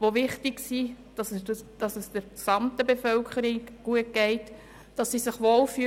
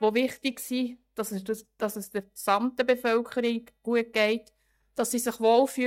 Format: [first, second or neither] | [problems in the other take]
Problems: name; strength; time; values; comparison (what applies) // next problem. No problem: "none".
first | noise reduction (neural mask model DeepFilterNet 3)